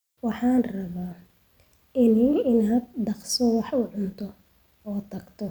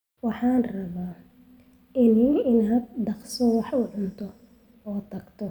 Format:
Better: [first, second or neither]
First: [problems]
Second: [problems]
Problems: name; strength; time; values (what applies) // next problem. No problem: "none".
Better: first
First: none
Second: room echo; dies away in 2 s